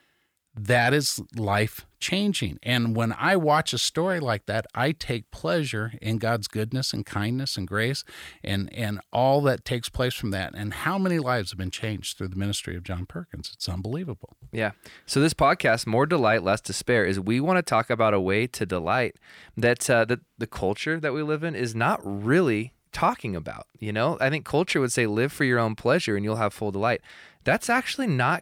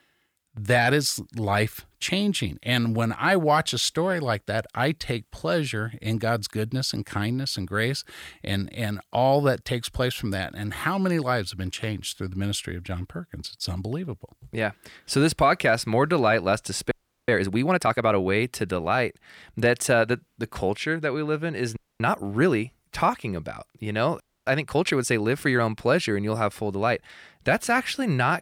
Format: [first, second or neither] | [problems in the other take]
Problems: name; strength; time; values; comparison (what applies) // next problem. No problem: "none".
first | audio freezing; at 17 s, at 22 s and at 24 s